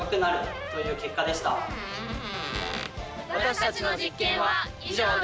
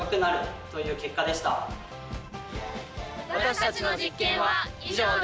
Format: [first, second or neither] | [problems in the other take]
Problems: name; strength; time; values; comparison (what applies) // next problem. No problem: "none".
second | background sound (Door); 11 dB below the speech